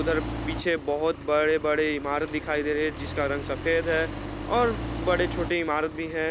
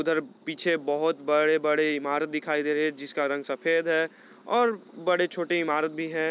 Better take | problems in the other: second | background sound (Accelerating, revving, vroom); 8 dB below the speech

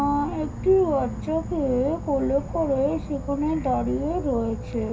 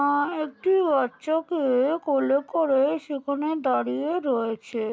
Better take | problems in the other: second | background sound (Insect / Frog); 8 dB below the speech // room echo; dies away in 0.4 s

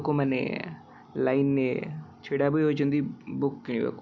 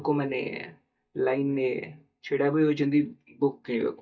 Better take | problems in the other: first | noise reduction (neural mask model DeepFilterNet 3)

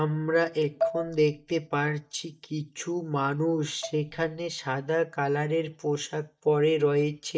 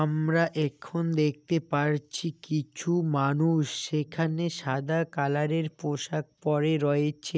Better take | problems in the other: second | noise reduction (neural mask model DeepFilterNet 3)

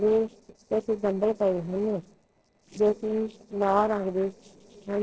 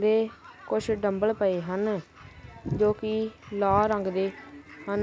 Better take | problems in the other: second | noise reduction (neural separator model SepFormer DNS4)

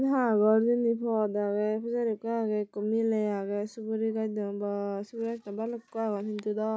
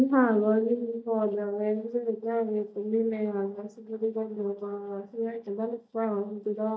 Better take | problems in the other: first | noise reduction (neural mask model DeepFilterNet 3)

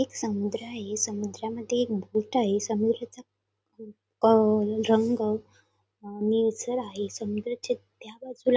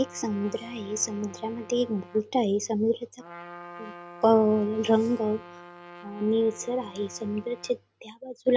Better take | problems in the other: first | background sound (Trumpet); 19 dB below the speech

